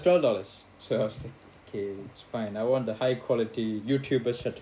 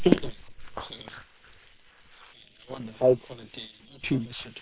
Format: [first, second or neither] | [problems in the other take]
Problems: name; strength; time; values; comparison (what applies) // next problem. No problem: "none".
first | noise reduction (neural separator model SepFormer WHAM!)